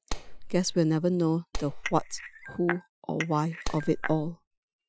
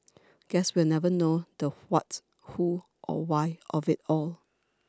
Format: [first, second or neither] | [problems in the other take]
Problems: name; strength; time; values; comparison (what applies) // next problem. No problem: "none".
second | noise reduction (classical method Wiener filter)